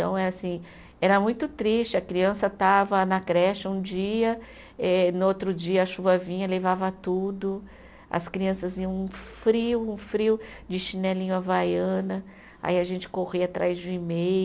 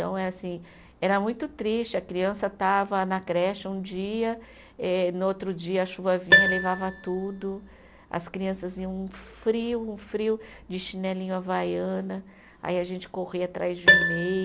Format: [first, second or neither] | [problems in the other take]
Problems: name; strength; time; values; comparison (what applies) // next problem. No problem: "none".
first | background sound (Piano); 3 dB below the speech